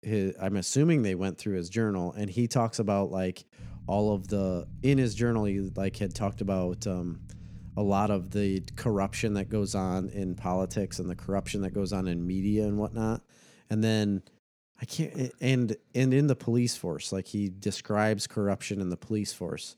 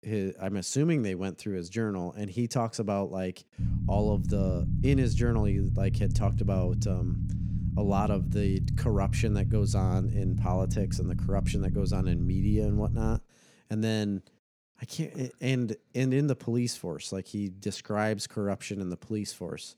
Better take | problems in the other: first | low rumble; loud; from 3.5 to 13 s; 8 dB below the speech; faint in the first

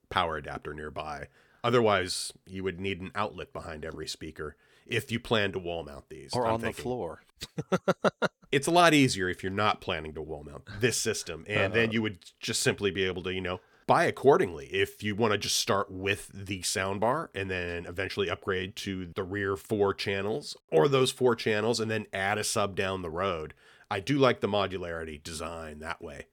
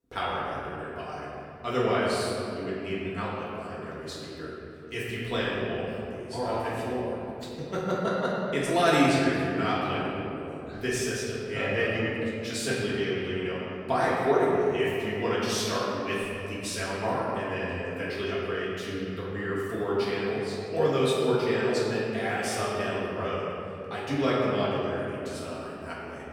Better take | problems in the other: first | off-mic speech; far // room echo; strong; dies away in 2.8 s

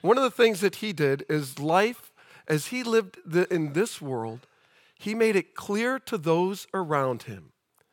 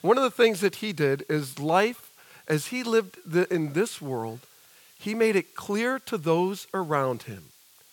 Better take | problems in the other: first | hiss; faint; throughout; 25 dB below the speech

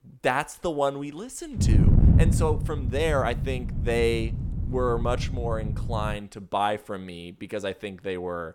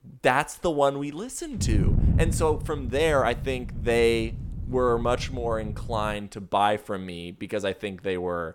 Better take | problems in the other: second | wind noise on the microphone; heavy; from 1.5 to 6 s; 9 dB below the speech; occasional gusts in the second

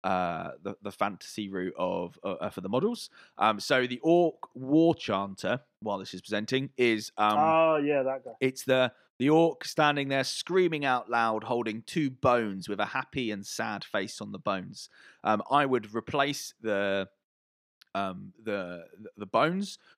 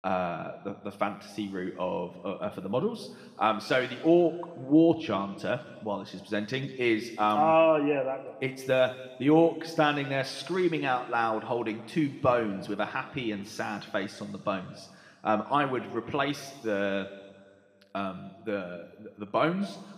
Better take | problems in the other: first | room echo; slight; dies away in 1.7 s

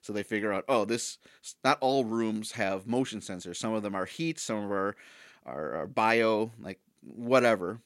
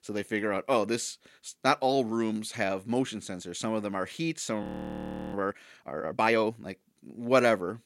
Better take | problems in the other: first | audio freezing; at 4.5 s for 0.5 s

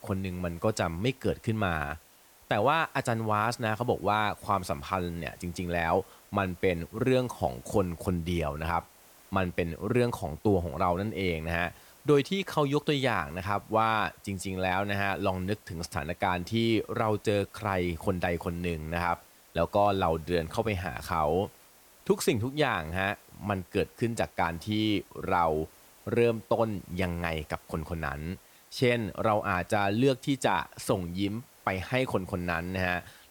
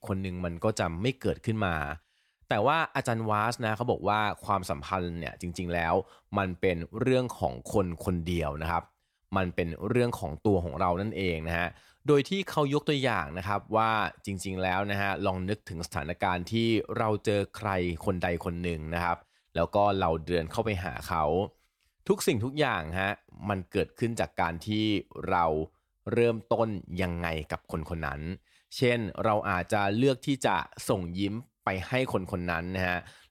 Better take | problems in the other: second | hiss; faint; throughout; 25 dB below the speech

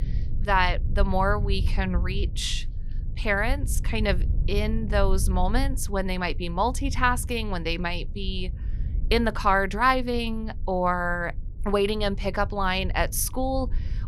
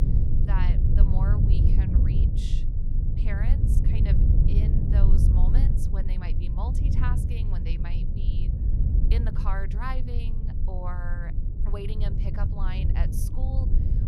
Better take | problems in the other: first | low rumble; loud; throughout; as loud as the speech; faint in the first

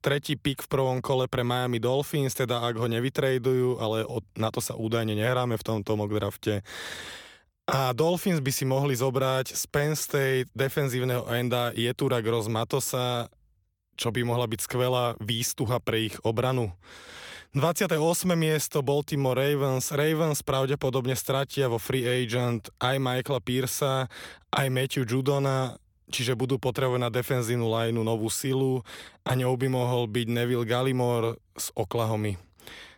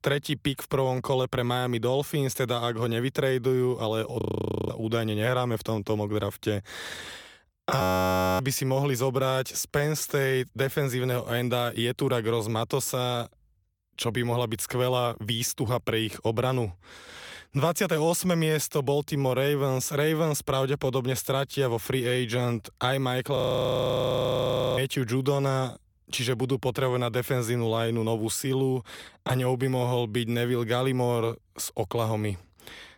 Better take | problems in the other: first | audio freezing; at 4 s, at 8 s for 0.5 s and at 23 s for 1.5 s

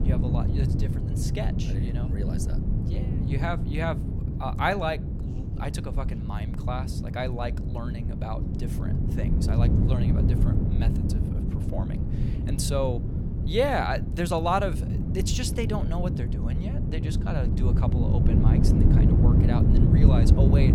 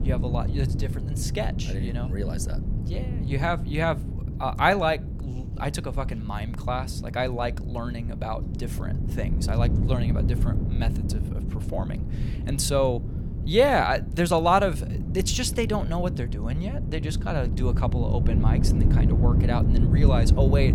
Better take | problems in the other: second | wind noise on the microphone; heavy; 4 dB below the speech; occasional gusts in the second

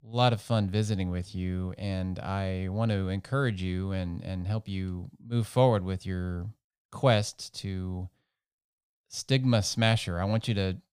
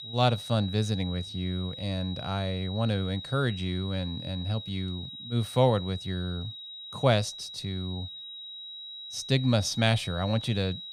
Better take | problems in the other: first | high-pitched whine; loud; throughout; 4 kHz, 10 dB below the speech

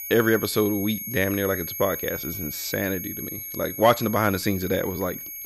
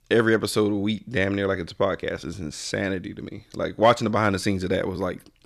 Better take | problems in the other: second | high-pitched whine; loud; throughout; 11.5 kHz, 7 dB below the speech

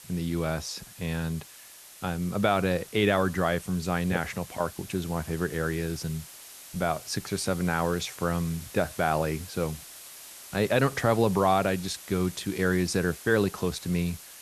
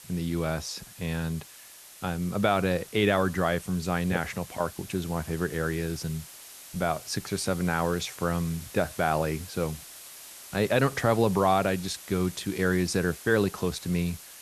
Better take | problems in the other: neither | hiss; noticeable; throughout; 15 dB below the speech; the same in both

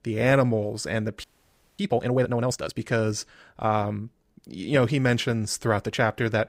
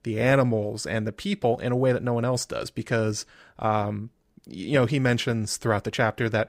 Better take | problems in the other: second | audio freezing; at 1 s for 0.5 s

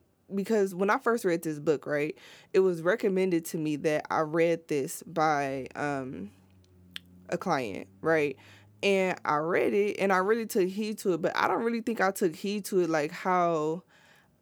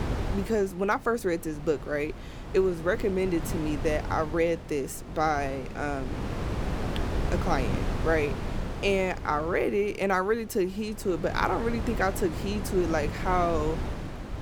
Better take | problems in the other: first | wind noise on the microphone; occasional gusts; 10 dB below the speech

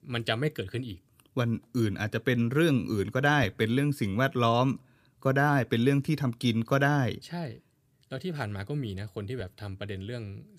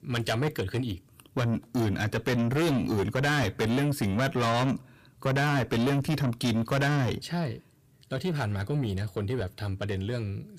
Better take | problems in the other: first | distortion; heavy; 6 dB below the speech

